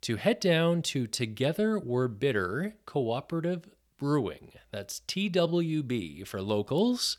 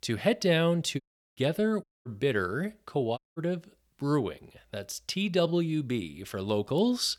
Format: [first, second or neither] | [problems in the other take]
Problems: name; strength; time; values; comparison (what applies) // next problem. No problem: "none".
first | audio cutting out; at 1 s, at 2 s and at 3 s